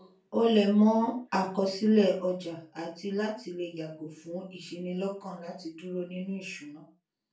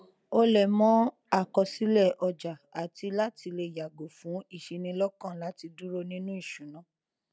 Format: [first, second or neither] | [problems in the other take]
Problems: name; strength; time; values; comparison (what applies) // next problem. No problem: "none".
second | room echo; dies away in 0.3 s